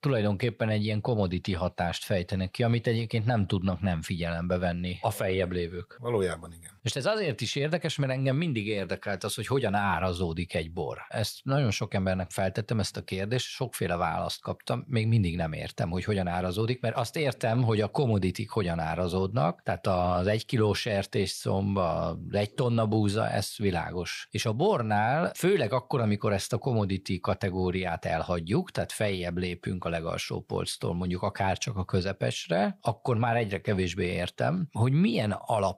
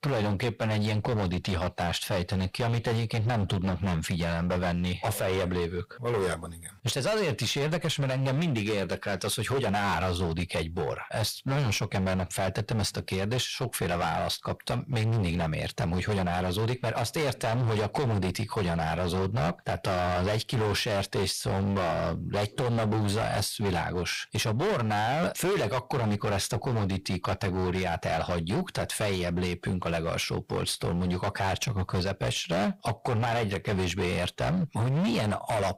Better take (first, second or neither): first